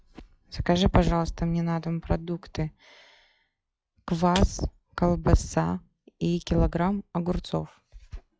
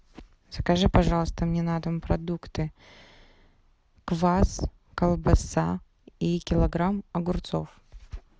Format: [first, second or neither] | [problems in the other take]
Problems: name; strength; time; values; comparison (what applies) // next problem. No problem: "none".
second | noise reduction (classical method log-MMSE)